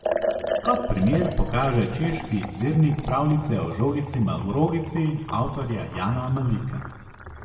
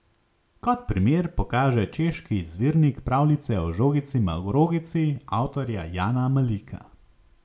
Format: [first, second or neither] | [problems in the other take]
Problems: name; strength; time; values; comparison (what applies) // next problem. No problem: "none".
second | background sound (Liquid); 8 dB below the speech // room echo; dies away in 1.2 s